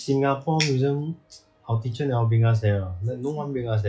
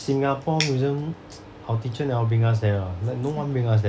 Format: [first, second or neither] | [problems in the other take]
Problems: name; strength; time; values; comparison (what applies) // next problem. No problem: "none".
second | noise reduction (classical method log-MMSE)